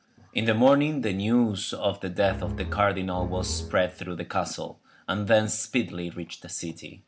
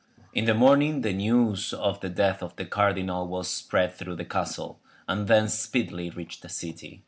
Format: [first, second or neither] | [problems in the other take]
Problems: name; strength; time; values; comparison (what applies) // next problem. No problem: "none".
second | background sound (Bowed string instrument); 7 dB below the speech